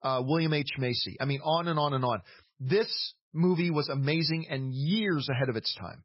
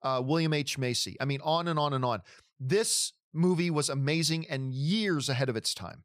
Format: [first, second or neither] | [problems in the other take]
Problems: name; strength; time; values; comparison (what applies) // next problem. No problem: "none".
second | garbled, watery; badly; nothing above 5.5 kHz